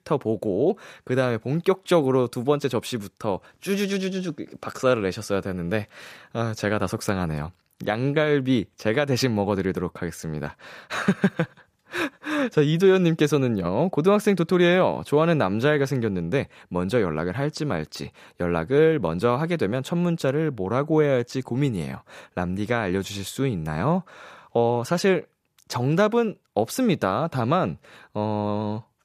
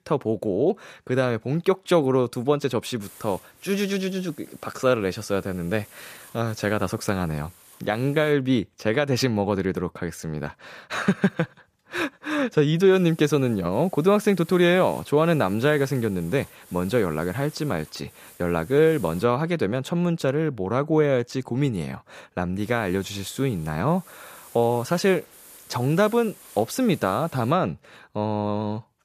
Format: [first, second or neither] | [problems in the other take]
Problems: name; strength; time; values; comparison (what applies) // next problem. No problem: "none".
first | hiss; faint; from 3 to 8.5 s, from 13 to 19 s and from 23 to 28 s; 25 dB below the speech